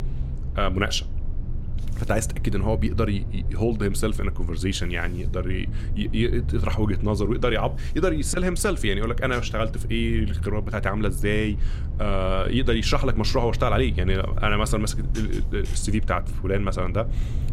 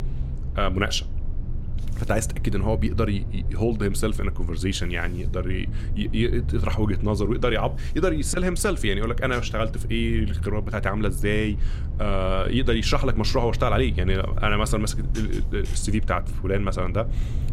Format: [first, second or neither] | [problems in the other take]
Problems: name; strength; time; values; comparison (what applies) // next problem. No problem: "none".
neither | low rumble; noticeable; throughout; 15 dB below the speech; the same in both